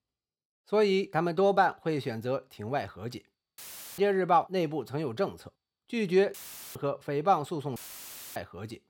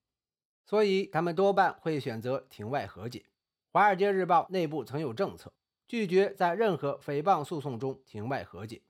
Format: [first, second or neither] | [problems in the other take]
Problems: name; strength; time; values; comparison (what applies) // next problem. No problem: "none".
second | audio cutting out; filled with static; at 3.5 s, at 6.5 s and at 8 s for 0.5 s